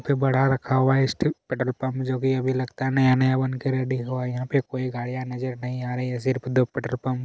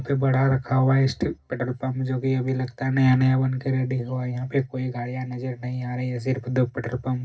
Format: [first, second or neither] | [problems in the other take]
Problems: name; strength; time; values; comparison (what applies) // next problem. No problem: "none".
first | room echo; dies away in 0.4 s